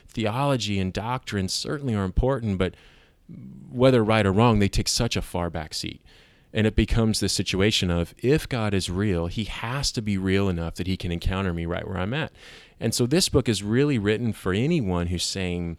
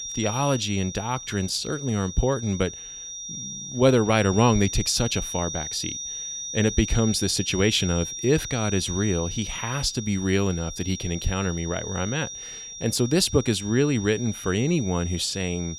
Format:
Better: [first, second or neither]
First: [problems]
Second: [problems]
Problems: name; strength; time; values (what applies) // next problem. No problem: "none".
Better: first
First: none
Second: high-pitched whine; loud; throughout; 6 kHz, 8 dB below the speech